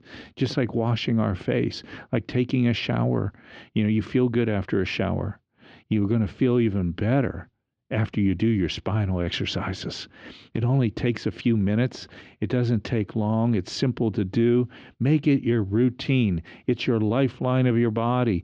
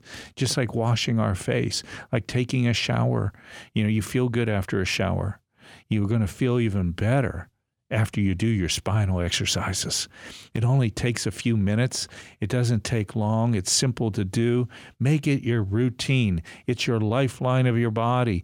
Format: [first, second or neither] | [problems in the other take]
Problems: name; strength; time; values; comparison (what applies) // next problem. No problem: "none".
second | muffled; slightly; fading above 4.5 kHz